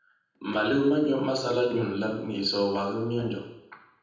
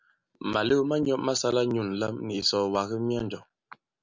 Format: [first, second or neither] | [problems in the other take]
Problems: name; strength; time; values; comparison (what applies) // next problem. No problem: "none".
second | room echo; dies away in 0.8 s